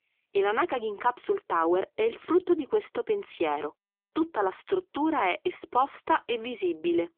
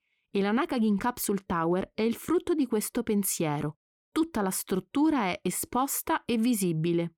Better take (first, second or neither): second